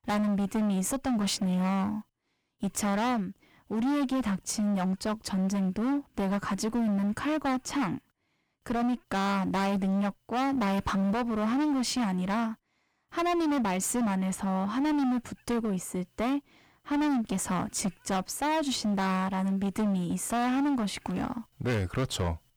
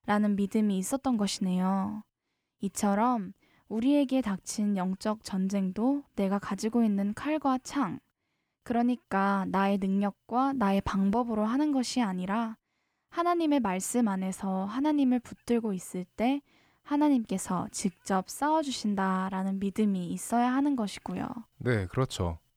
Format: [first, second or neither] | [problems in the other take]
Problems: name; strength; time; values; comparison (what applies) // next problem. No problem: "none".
second | distortion; heavy; 25% of the sound clipped